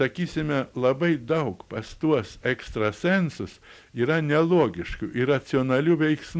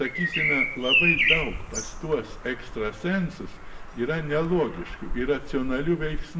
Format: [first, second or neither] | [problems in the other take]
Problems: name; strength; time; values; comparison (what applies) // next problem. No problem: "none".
first | background sound (Bird vocalization, bird call, bird song); as loud as the speech // room echo; dies away in 0.7 s